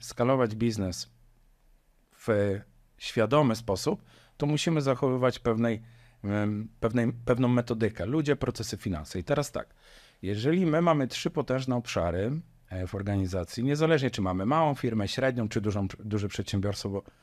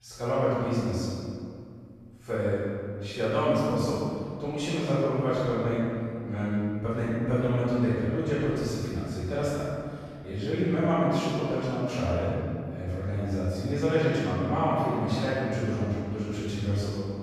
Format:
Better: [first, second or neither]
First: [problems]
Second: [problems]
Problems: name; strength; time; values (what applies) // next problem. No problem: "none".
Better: first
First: none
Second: room echo; strong; dies away in 2.1 s // off-mic speech; far